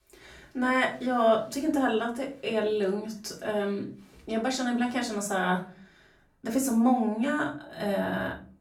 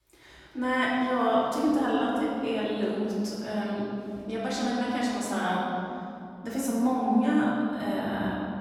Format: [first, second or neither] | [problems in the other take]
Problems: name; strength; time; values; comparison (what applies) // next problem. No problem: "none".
first | room echo; strong; dies away in 2.7 s; slight in the first // off-mic speech; far; far in the first